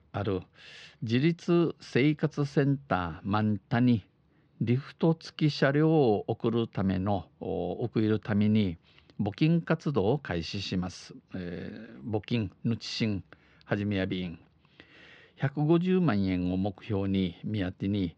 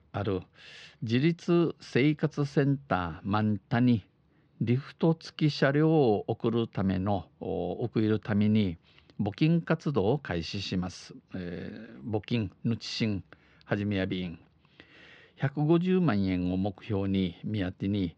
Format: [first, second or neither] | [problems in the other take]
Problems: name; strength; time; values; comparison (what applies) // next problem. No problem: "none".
neither | muffled; very slightly; fading above 4.5 kHz; the same in both